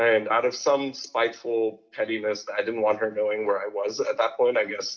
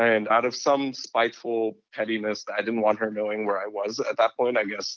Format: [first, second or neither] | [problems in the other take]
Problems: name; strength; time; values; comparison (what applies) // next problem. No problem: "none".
second | room echo; dies away in 0.4 s